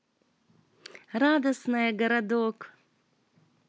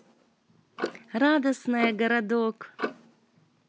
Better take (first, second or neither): first